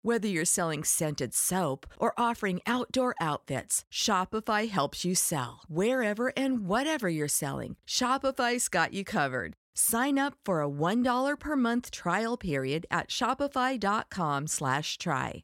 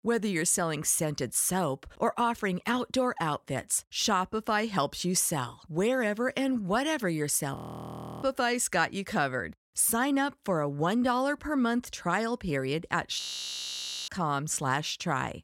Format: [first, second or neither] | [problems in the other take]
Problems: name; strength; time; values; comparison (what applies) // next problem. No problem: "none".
first | audio freezing; at 7.5 s for 0.5 s and at 13 s for 1 s